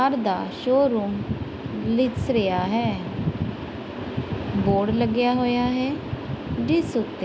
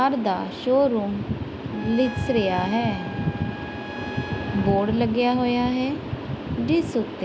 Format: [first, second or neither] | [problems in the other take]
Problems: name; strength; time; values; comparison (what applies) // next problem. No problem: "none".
first | background sound (Trumpet); 15 dB below the speech